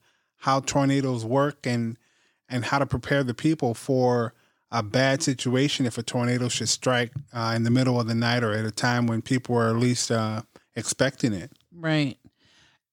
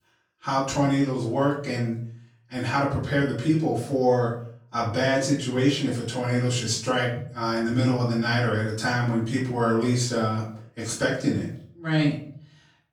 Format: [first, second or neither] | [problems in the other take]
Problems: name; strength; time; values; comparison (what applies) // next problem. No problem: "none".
first | off-mic speech; far // room echo; noticeable; dies away in 0.4 s